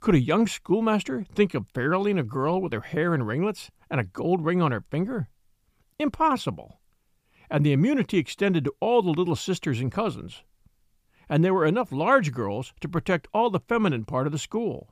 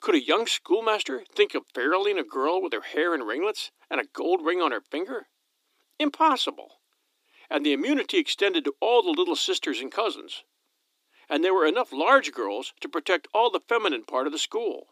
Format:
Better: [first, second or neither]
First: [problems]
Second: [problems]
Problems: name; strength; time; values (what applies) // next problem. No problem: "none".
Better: first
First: none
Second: thin; somewhat; fading below 300 Hz